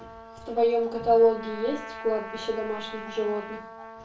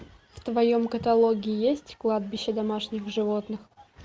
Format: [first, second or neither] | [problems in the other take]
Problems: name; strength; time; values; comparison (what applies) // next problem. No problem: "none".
second | background sound (Trumpet); 14 dB below the speech // room echo; dies away in 0.3 s